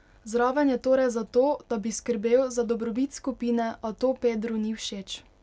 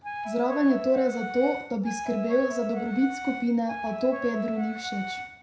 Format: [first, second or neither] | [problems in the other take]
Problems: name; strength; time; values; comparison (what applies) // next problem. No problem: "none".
first | background sound (Wind instrument, woodwind instrument); 8 dB below the speech // room echo; dies away in 0.5 s